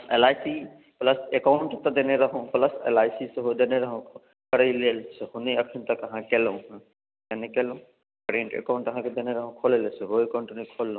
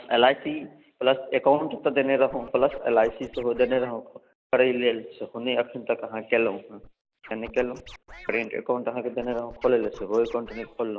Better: first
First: none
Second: noise reduction (neural mask model Resemble Enhance denoiser)

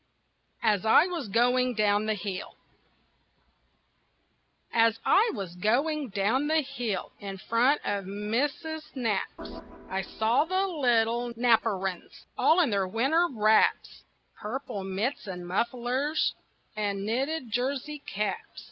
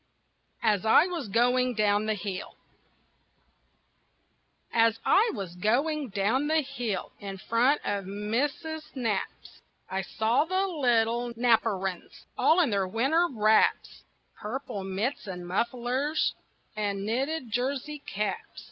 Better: second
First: background sound (Organ); 17 dB below the speech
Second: none

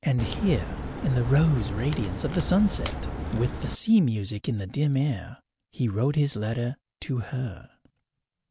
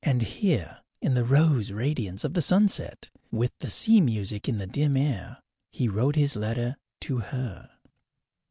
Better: second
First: background sound (Crack); 5 dB below the speech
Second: none

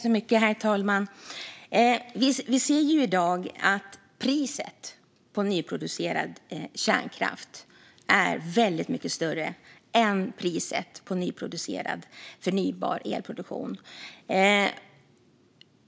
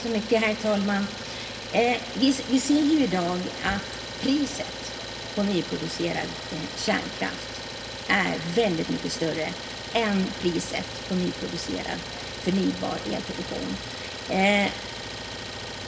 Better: first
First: none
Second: background sound (Idling); 8 dB below the speech // room echo; dies away in 2.8 s

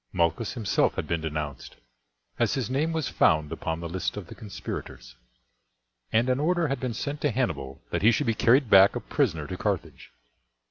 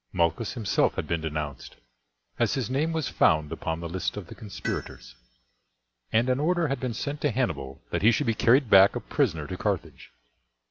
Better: first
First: none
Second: background sound (Tools); 18 dB below the speech

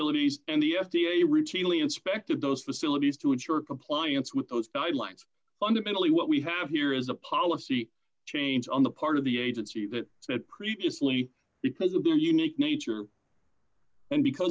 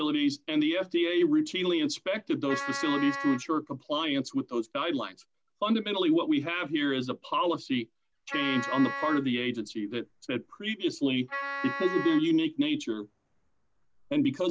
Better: first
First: none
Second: background sound (Wind instrument, woodwind instrument); 7 dB below the speech

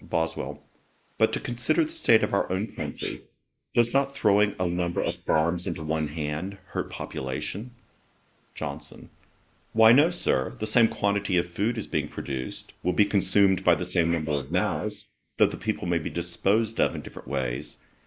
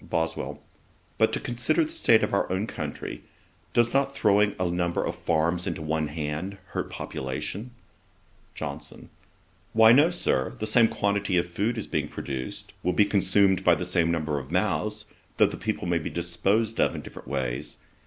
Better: second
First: noise reduction (neural mask model Resemble Enhance denoiser)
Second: none

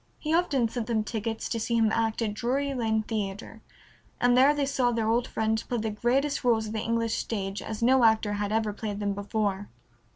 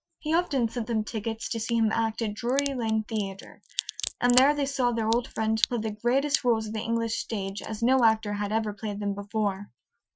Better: first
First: none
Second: noise reduction (classical method Wiener filter)

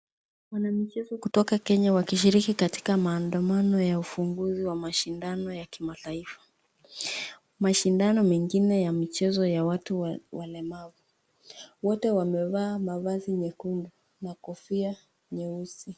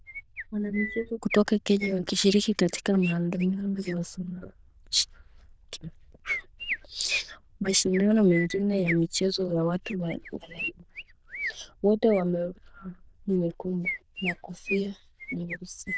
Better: first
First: none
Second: noise reduction (neural diffusion model UNIVERSE++)

